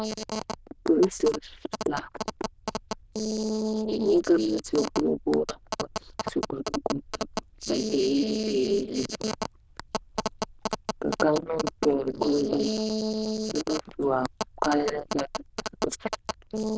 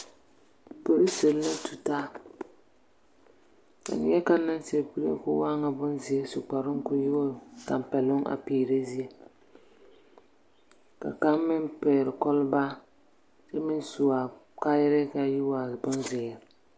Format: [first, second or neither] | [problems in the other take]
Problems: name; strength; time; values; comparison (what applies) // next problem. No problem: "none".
second | noise reduction (neural diffusion model UNIVERSE++)